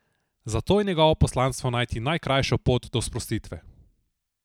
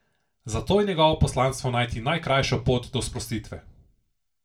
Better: first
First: none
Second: room echo; dies away in 0.2 s

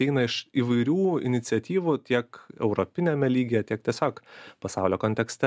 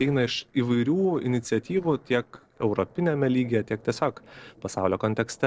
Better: first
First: none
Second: noise reduction (neural separator model SepFormer DNS4)

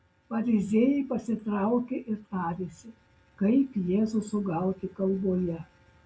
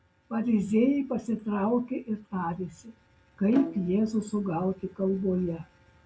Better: first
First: none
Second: background sound (Bowed string instrument); 12 dB below the speech

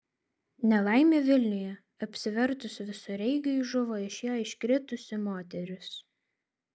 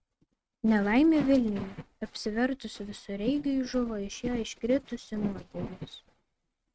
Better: first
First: none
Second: noise reduction (neural mask model RNNoise)

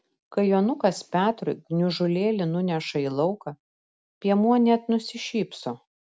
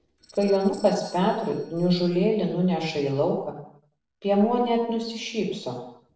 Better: first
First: none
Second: noise reduction (neural separator model SepFormer DNS4)

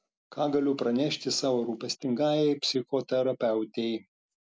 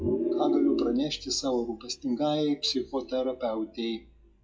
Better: first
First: none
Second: noise reduction (classical method WPE with log-MMSE)

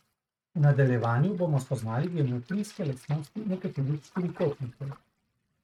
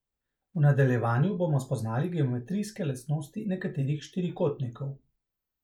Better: second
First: noise reduction (neural mask model RNNoise)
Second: none

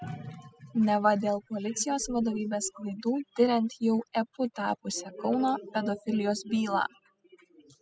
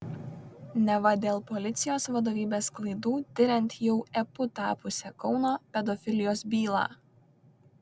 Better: second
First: noise reduction (classical method spectral subtraction)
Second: none

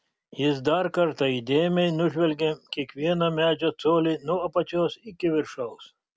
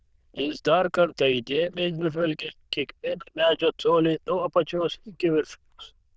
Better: first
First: none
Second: noise reduction (neural diffusion model UNIVERSE++)

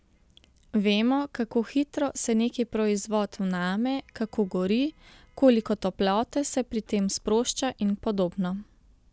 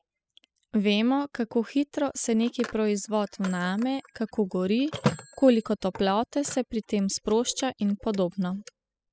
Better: first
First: none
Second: noise reduction (classical method spectral subtraction)

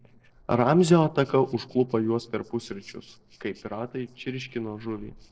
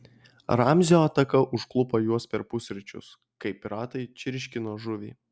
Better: second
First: noise reduction (neural separator model SepFormer DNS4)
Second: none

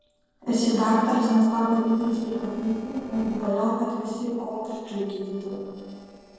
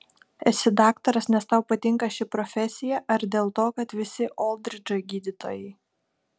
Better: second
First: noise reduction (neural separator model SepFormer DNS4)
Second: none

